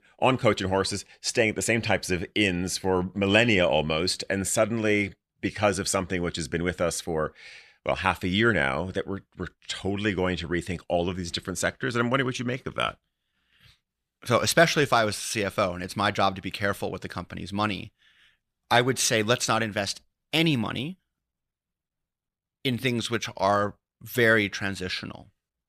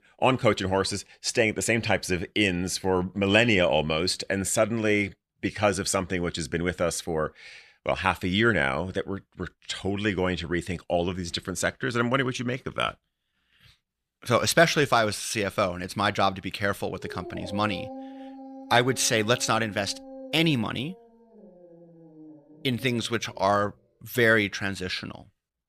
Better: first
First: none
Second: dog barking; faint; from 17 to 24 s; peak 10 dB below the speech

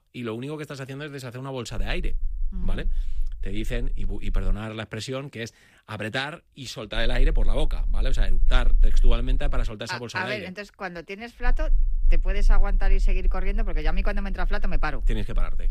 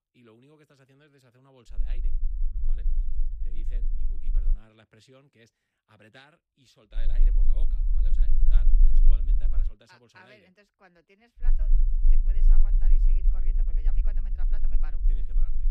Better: first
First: low rumble; faint; from 1.5 to 4.5 s, from 7 to 9.5 s and from 11 s on; 25 dB below the speech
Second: low rumble; loud; from 1.5 to 4.5 s, from 7 to 9.5 s and from 11 s on; 1 dB below the speech

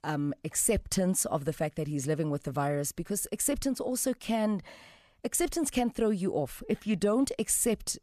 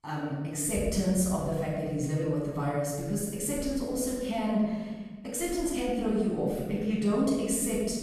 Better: first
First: none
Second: off-mic speech; far // room echo; strong; dies away in 1.7 s

